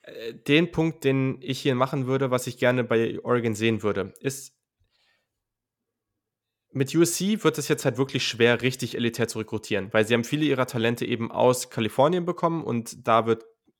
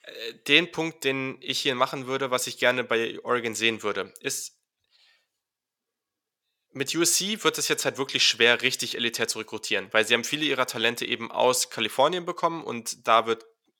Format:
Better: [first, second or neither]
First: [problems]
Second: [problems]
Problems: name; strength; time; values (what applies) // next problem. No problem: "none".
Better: first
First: none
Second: thin; somewhat; fading below 800 Hz